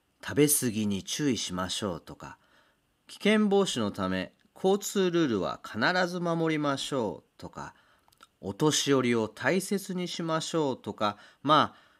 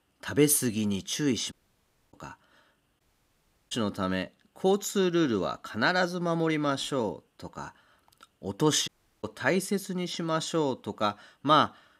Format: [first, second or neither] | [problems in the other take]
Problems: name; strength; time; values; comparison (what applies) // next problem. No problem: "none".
first | audio cutting out; at 1.5 s for 0.5 s, at 3 s for 0.5 s and at 9 s